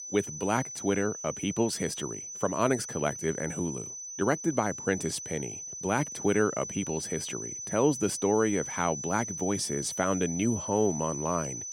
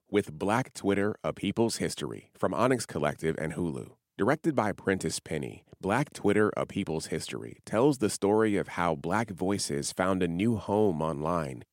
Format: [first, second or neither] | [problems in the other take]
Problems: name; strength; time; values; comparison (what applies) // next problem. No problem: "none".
second | high-pitched whine; loud; throughout; 6 kHz, 6 dB below the speech